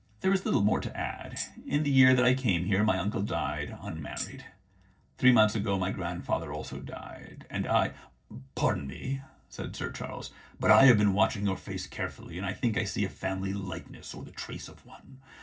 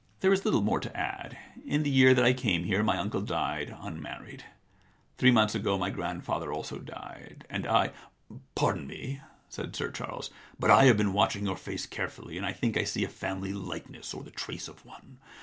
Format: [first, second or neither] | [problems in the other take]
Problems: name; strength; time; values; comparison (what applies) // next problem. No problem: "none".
second | noise reduction (neural separator model SepFormer DNS4)